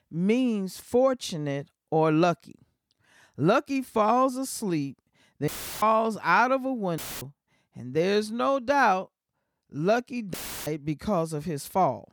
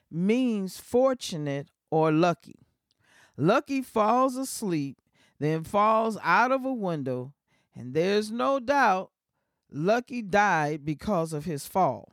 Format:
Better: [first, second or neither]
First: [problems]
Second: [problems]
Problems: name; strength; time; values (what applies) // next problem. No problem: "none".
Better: second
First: audio cutting out; filled with static; at 5.5 s, at 7 s and at 10 s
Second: none